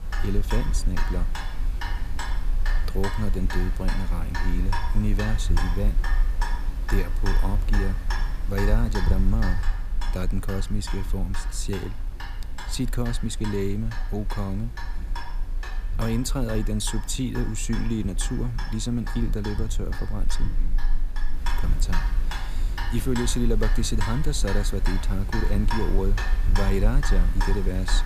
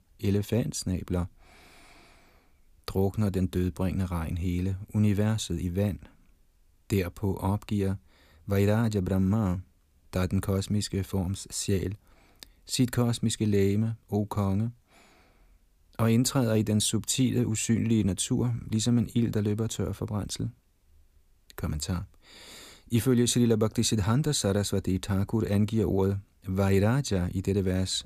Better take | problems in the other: second | household noises; very loud; throughout; 1 dB above the speech

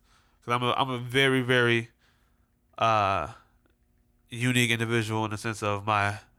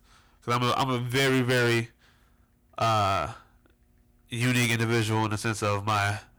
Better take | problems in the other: first | distortion; heavy; 13% of the sound clipped

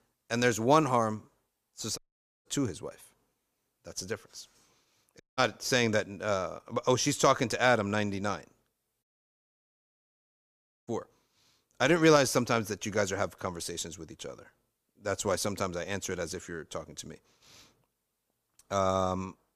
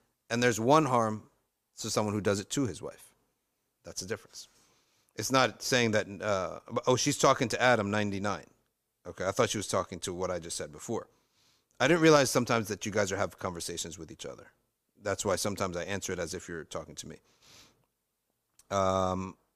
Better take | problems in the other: second | audio cutting out; at 2 s, at 5 s and at 9 s for 2 s

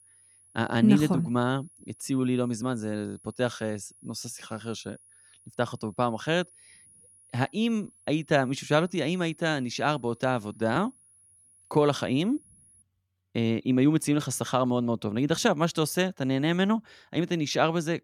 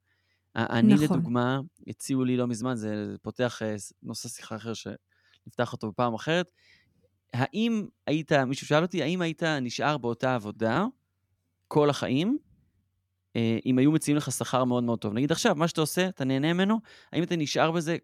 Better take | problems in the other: second | high-pitched whine; faint; until 13 s; 10.5 kHz, 25 dB below the speech

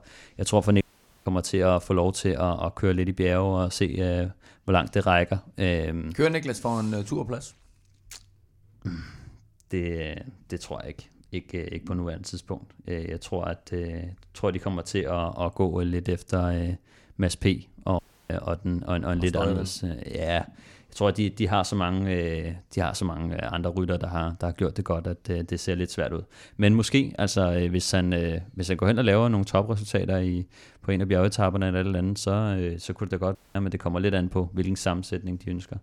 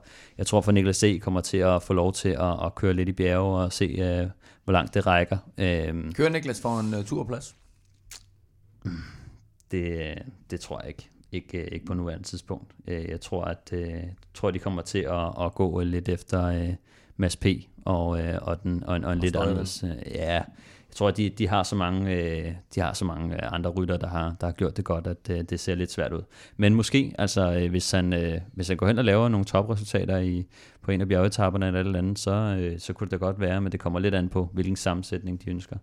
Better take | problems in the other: second | audio cutting out; at 1 s, at 18 s and at 33 s

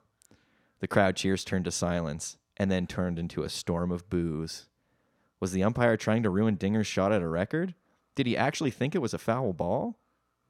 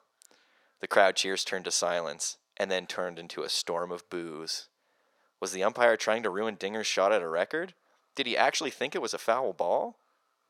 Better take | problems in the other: first | thin; very; fading below 600 Hz

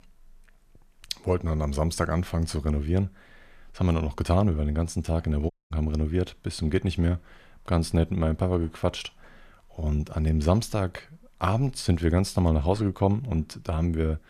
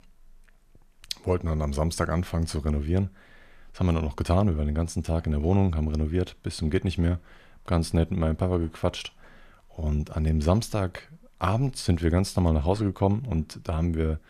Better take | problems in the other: second | audio cutting out; at 5.5 s

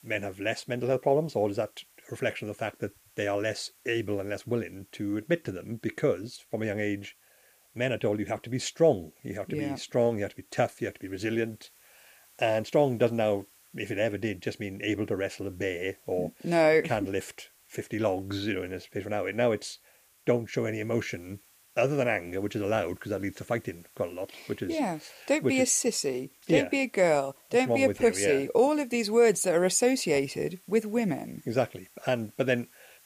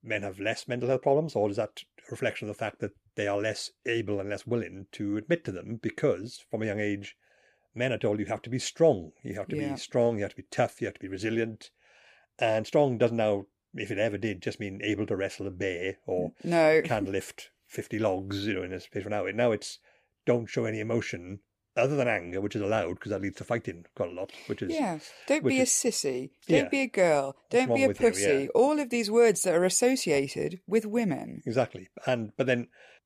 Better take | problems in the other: second | hiss; faint; throughout; 30 dB below the speech

